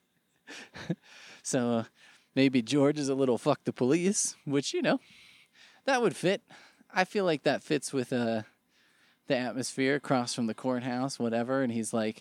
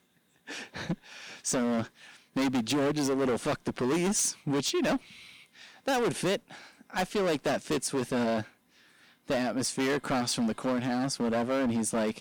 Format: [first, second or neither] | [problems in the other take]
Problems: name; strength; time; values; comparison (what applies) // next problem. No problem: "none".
first | distortion; heavy; 18% of the sound clipped